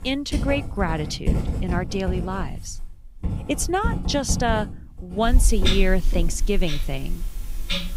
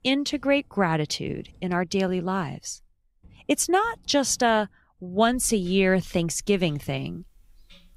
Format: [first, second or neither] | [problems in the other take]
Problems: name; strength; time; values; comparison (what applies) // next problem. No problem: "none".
second | household noises; loud; throughout; 1 dB below the speech; faint in the second